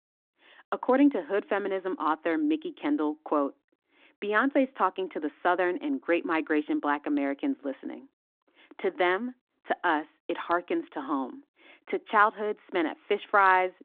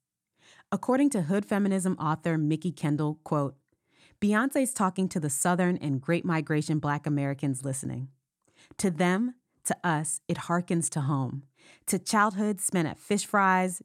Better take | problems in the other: second | phone-call audio

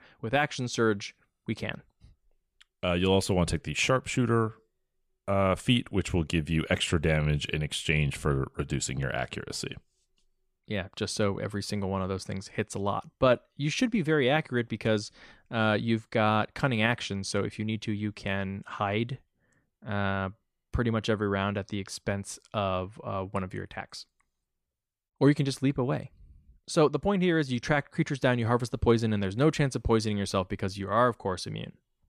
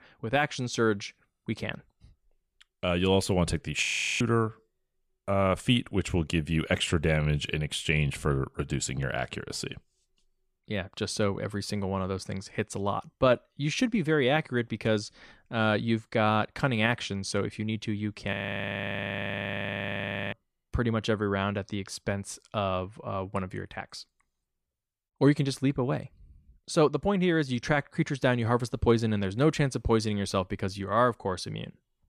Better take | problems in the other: first | audio freezing; at 4 s and at 18 s for 2 s

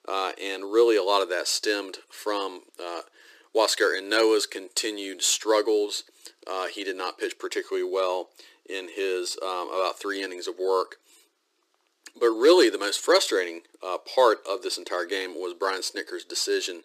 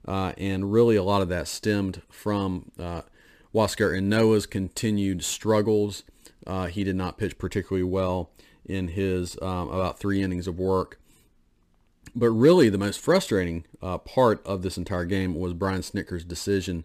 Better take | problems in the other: second | thin; very; fading below 350 Hz

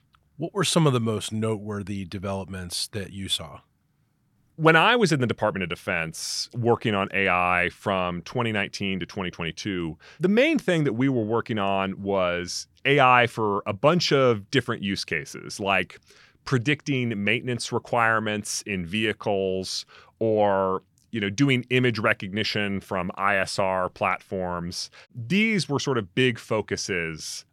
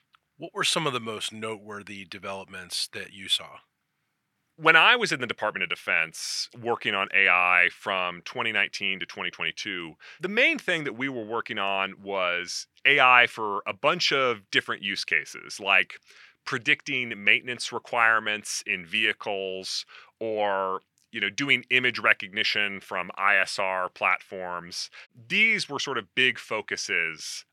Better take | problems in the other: first | thin; somewhat; fading below 1 kHz

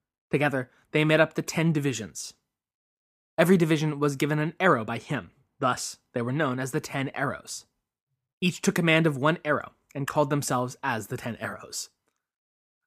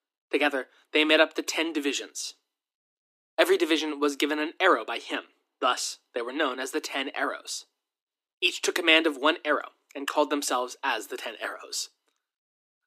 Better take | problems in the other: first | thin; somewhat; fading below 300 Hz

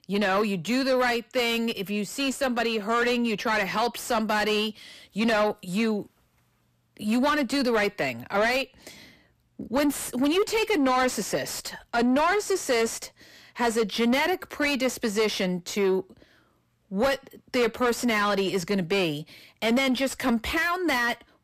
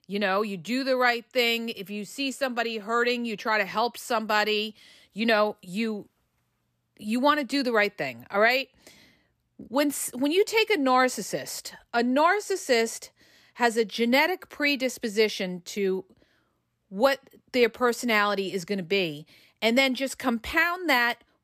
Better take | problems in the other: second | distortion; heavy; 7 dB below the speech

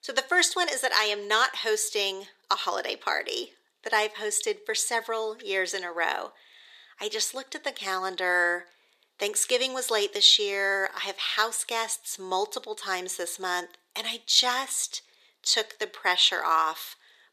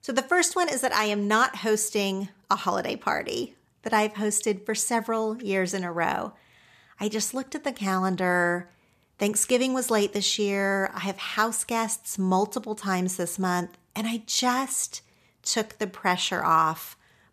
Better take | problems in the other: second | thin; very; fading below 400 Hz

